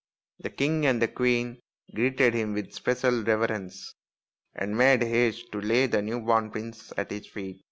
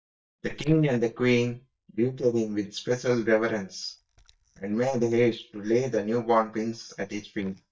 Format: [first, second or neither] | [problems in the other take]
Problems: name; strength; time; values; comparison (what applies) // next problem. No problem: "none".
first | noise reduction (neural mask model DeepFilterNet 3)